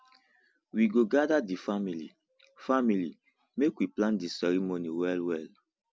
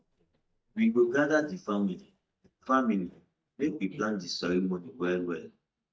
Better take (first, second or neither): first